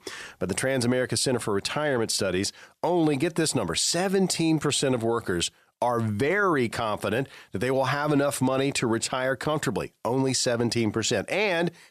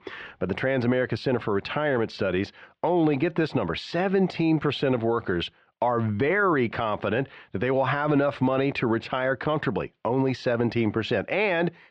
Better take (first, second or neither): first